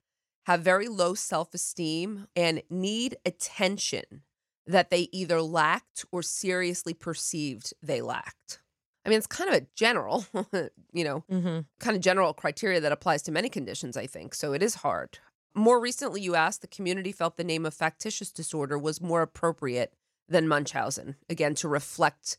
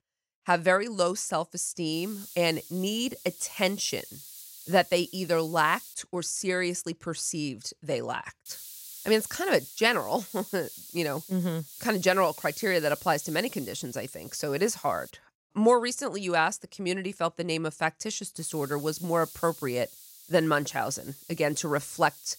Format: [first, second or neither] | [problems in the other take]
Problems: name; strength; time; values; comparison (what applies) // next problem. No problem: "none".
first | hiss; noticeable; from 2 to 6 s, from 8.5 to 15 s and from 18 s on; 15 dB below the speech